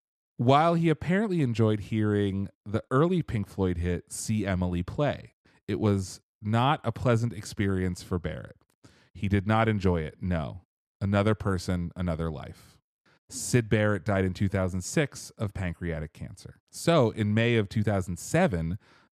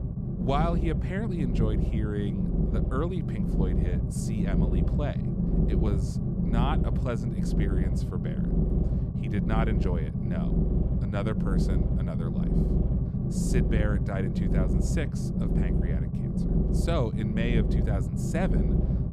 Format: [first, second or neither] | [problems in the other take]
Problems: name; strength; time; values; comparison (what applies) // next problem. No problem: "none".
first | low rumble; loud; throughout; 1 dB below the speech